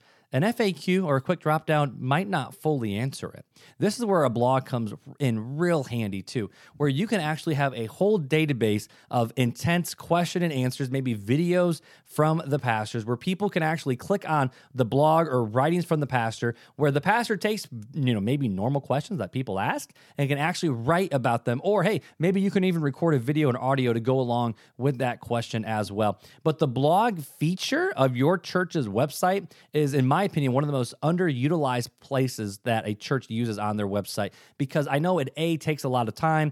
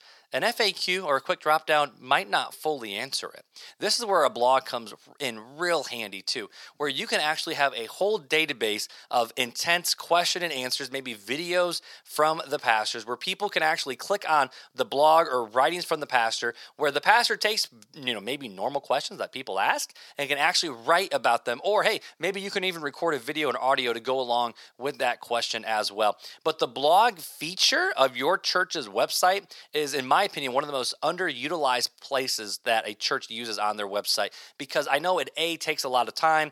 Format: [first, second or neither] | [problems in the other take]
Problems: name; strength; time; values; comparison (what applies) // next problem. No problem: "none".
first | thin; very; fading below 650 Hz